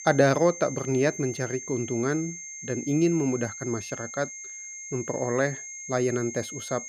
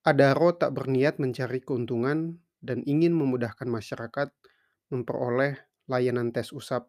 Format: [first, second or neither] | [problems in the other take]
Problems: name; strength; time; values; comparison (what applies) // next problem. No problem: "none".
second | high-pitched whine; loud; throughout; 6.5 kHz, 9 dB below the speech